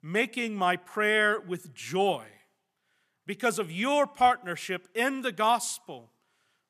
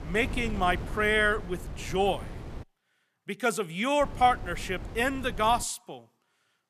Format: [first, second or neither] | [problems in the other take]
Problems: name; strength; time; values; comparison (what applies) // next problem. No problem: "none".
first | wind noise on the microphone; occasional gusts; until 2.5 s and from 4 to 5.5 s; 20 dB below the speech